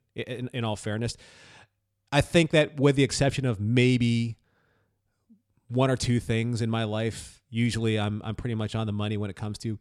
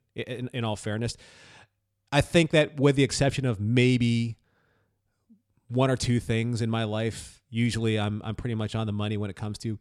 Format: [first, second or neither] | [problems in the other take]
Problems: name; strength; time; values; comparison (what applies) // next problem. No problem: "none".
neither | none